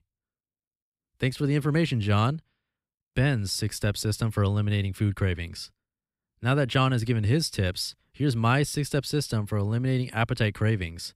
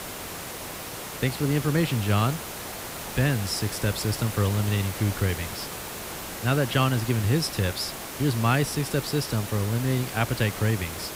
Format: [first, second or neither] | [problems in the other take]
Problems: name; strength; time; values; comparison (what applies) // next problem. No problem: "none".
first | hiss; loud; throughout; 8 dB below the speech